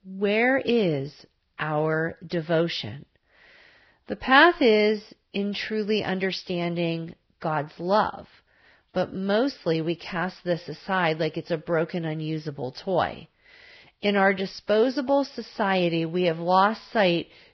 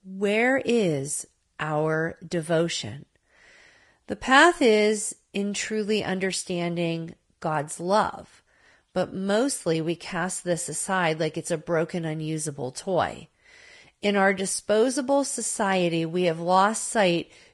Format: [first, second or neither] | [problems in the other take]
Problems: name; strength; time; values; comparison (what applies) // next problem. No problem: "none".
second | garbled, watery; badly; nothing above 5.5 kHz; slightly in the second